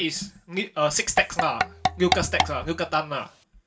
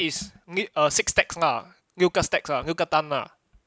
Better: second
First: background sound (Tap / Percussion); 1 dB below the speech // room echo; dies away in 0.2 s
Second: none

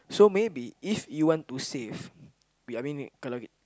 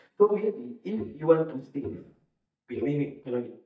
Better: first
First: none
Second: noise reduction (neural mask model DeepFilterNet 3)

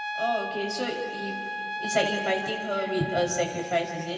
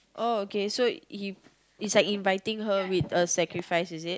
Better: second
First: background sound (Trumpet); 5 dB below the speech // room echo; dies away in 2.5 s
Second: none

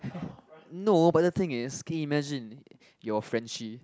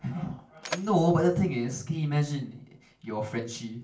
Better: first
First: none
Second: background sound (Mechanisms); 18 dB below the speech // room echo; dies away in 0.3 s

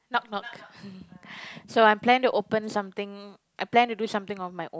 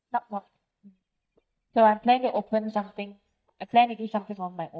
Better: first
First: none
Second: noise reduction (neural mask model DeepFilterNet 3)

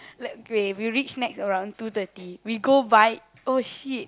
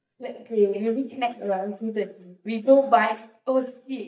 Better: first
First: none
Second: noise reduction (neural mask model DeepFilterNet 3)

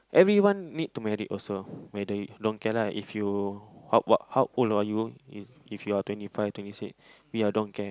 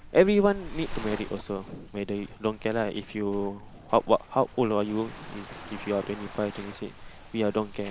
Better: first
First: none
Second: background sound (Waves, surf); 14 dB below the speech

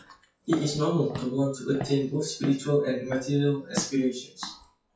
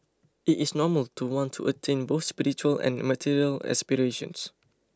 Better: second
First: noise reduction (classical method WPE with log-MMSE)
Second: none

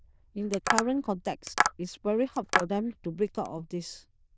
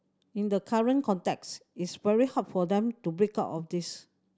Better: second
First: noise reduction (neural diffusion model UNIVERSE++)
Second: none

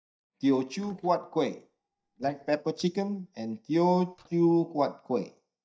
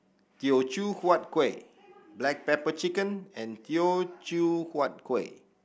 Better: second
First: noise reduction (neural mask model DeepFilterNet 3)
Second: none

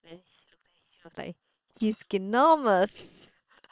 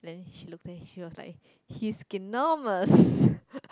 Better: second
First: noise reduction (neural separator model SepFormer WHAM!)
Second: none

